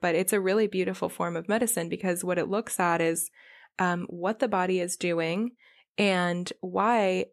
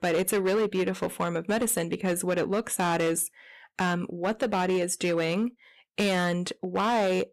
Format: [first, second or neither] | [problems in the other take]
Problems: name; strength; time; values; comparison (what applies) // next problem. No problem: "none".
first | distortion; slight; 12% of the sound clipped